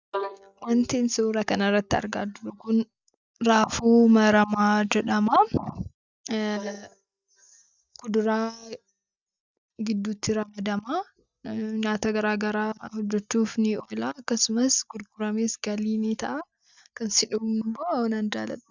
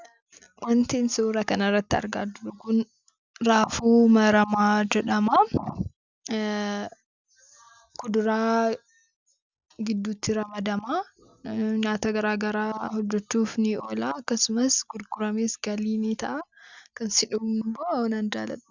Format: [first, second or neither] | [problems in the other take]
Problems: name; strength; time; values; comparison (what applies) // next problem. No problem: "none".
second | noise reduction (neural mask model DeepFilterNet 3)